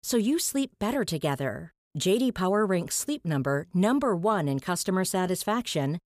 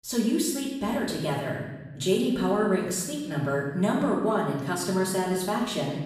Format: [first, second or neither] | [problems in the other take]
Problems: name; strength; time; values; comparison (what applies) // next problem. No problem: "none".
first | off-mic speech; far // room echo; noticeable; dies away in 1 s